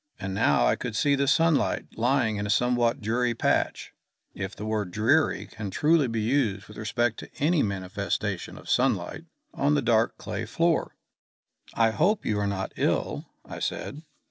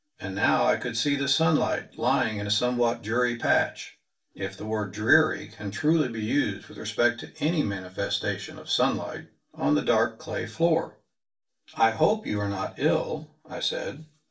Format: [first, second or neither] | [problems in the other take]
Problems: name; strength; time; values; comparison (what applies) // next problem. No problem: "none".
first | room echo; dies away in 0.2 s